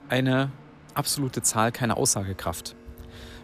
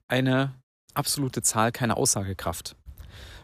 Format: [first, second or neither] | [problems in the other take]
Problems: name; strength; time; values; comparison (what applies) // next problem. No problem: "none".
second | train or aircraft noise; faint; throughout; 25 dB below the speech